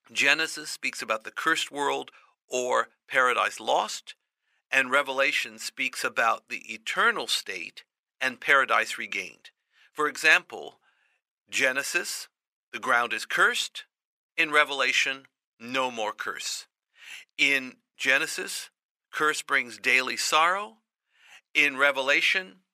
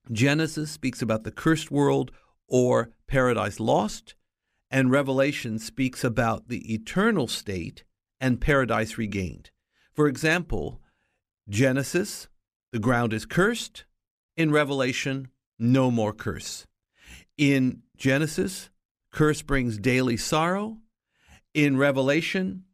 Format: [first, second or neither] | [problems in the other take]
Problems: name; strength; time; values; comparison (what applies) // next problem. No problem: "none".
second | thin; very; fading below 700 Hz